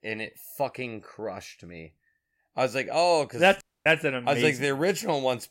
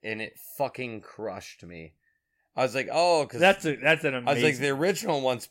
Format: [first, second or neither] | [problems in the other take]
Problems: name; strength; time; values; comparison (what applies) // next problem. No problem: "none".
second | audio cutting out; at 3.5 s